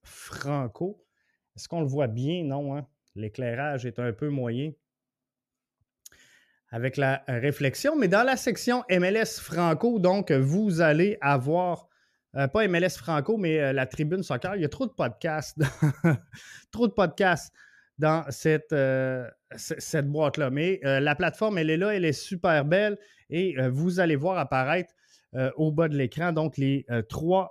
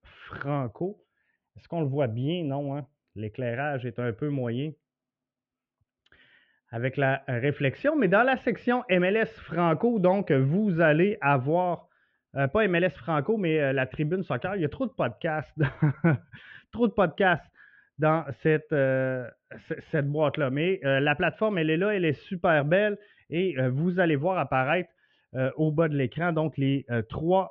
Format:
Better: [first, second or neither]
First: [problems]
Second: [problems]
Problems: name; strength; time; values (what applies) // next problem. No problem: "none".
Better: first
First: none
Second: muffled; very; fading above 3 kHz